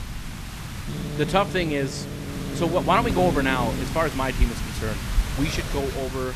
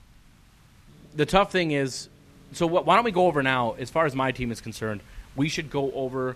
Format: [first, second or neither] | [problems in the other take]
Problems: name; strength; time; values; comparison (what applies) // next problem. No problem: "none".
second | hiss; loud; throughout; 4 dB below the speech; faint in the second